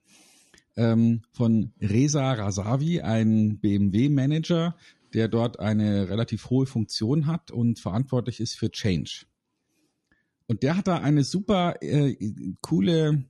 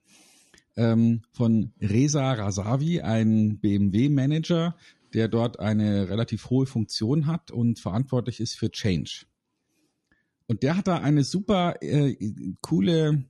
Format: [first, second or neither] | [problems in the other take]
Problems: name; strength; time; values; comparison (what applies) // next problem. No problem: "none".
neither | none